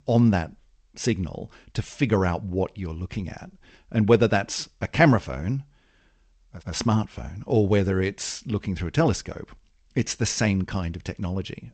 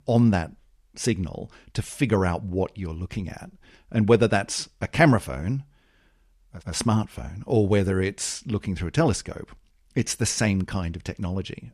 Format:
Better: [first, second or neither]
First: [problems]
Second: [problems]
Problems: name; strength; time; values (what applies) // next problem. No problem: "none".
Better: second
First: garbled, watery; slightly; nothing above 8 kHz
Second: none